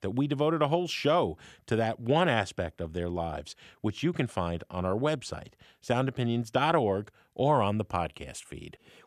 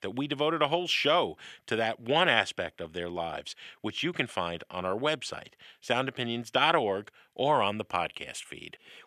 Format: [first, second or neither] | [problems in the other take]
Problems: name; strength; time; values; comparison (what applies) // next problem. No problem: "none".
first | thin; very slightly; fading below 750 Hz